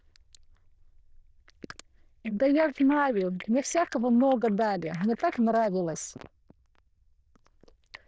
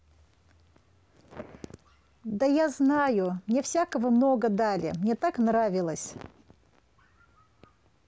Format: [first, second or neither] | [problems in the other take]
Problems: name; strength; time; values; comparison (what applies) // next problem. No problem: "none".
second | noise reduction (neural diffusion model UNIVERSE++)